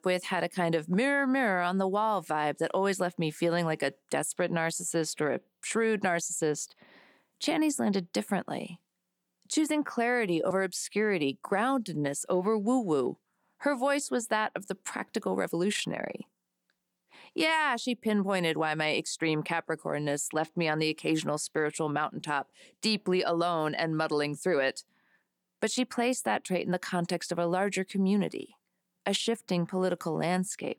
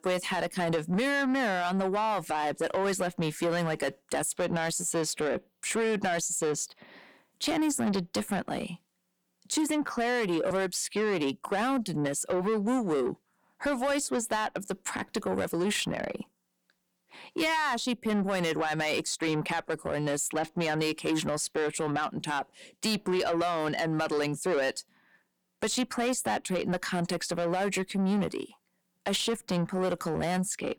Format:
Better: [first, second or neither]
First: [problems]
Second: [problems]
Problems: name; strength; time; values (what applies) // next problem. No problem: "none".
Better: first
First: none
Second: distortion; slight; 10 dB below the speech